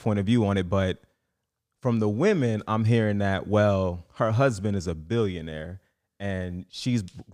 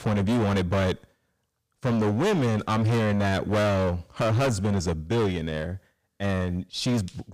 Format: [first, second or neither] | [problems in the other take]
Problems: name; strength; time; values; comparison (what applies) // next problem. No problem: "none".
first | distortion; heavy; 24% of the sound clipped